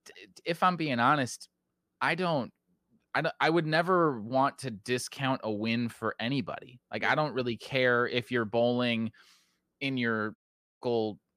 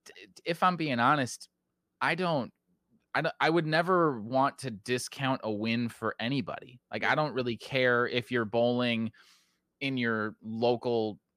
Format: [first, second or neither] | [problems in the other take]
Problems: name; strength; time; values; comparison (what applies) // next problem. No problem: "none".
second | audio cutting out; at 10 s